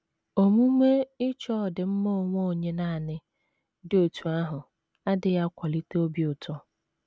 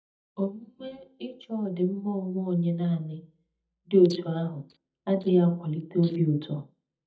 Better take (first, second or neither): first